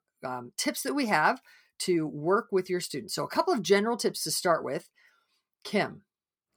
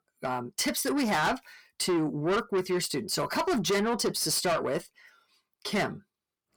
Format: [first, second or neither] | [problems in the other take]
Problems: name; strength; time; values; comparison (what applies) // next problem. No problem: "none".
first | distortion; heavy; 6 dB below the speech